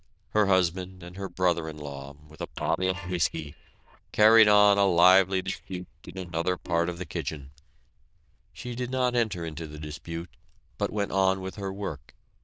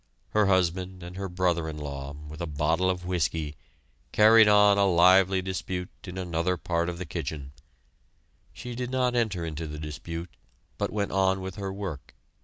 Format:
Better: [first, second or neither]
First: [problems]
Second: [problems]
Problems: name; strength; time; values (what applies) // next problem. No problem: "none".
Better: second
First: noise reduction (neural diffusion model UNIVERSE++)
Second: none